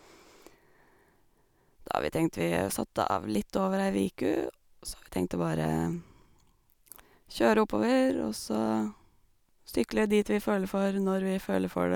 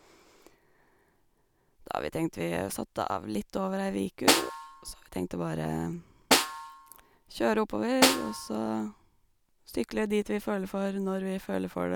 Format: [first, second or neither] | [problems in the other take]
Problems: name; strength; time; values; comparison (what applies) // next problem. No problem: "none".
first | background sound (Snare drum); 1 dB above the speech